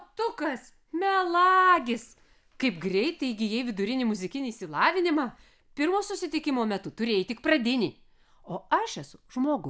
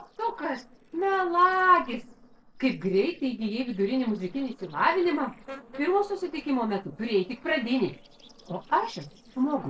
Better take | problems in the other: first | noise reduction (neural separator model SepFormer DNS4)

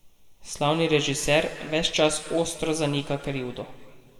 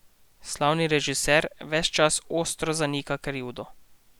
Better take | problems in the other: second | room echo; dies away in 1.7 s

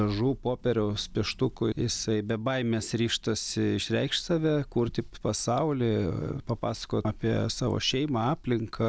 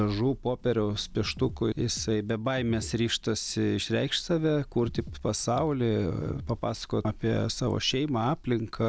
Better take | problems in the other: first | background sound (Drum kit); 16 dB below the speech

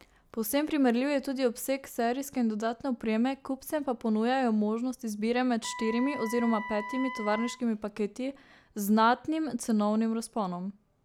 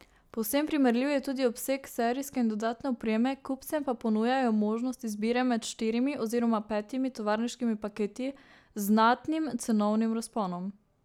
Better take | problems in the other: second | background sound (Wind instrument, woodwind instrument); 10 dB below the speech

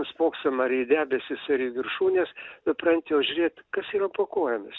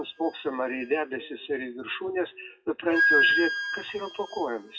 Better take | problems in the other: first | noise reduction (classical method WPE with log-MMSE)

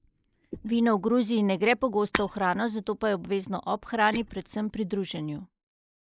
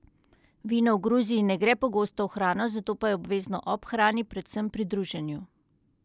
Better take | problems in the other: second | noise reduction (neural mask model Resemble Enhance denoiser)

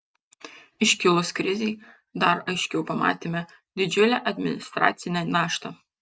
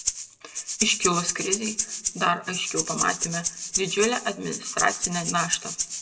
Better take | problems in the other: first | background sound (Rattle (instrument)); 2 dB below the speech // room echo; dies away in 0.8 s

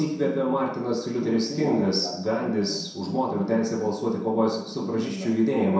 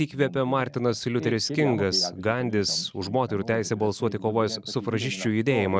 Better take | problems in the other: second | room echo; dies away in 0.7 s

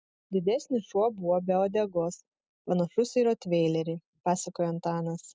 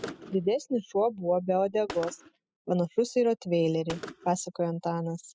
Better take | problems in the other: first | noise reduction (classical method spectral subtraction)

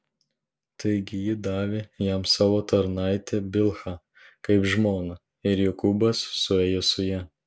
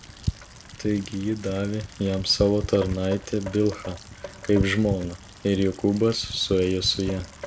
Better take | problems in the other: first | background sound (Rain); 11 dB below the speech

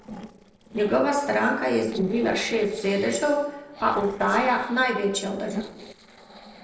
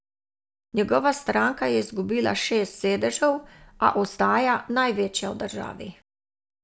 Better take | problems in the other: second | noise reduction (neural separator model SepFormer DNS4)

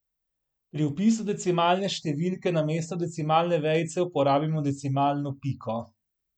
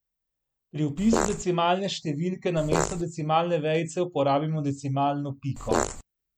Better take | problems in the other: first | background sound (Fart); 1 dB below the speech

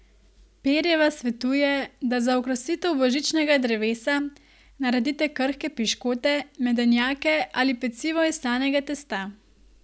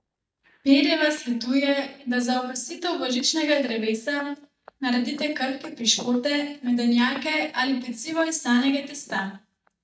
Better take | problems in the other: first | noise reduction (neural mask model DeepFilterNet 3)

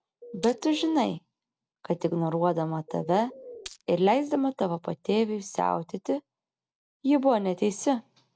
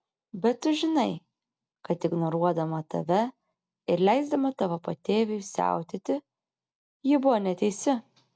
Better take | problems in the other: second | background sound (Bird + Glass); 16 dB below the speech

